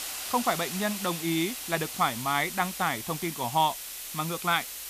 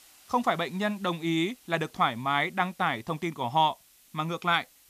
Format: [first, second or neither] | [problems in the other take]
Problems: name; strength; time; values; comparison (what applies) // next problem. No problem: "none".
second | hiss; loud; throughout; 6 dB below the speech; faint in the second